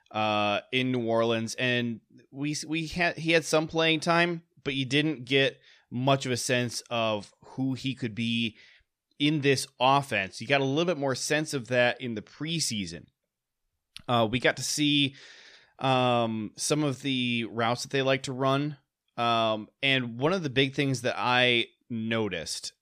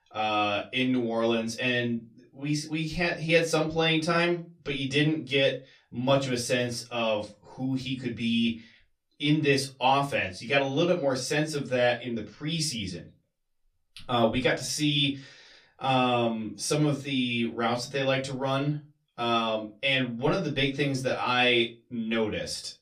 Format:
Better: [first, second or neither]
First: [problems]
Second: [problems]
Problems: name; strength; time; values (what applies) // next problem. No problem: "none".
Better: first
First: none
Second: off-mic speech; far // room echo; very slight; dies away in 0.2 s